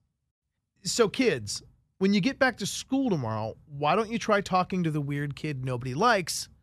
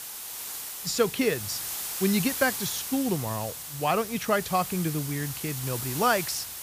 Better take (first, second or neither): first